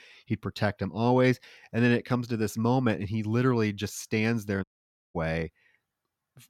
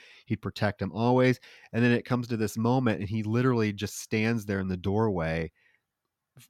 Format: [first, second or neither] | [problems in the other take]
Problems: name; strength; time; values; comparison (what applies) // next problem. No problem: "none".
second | audio cutting out; at 4.5 s for 0.5 s